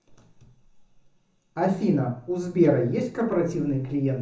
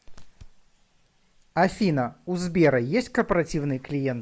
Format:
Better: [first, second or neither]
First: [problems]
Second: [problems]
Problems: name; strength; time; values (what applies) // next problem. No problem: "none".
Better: second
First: room echo; dies away in 0.6 s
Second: none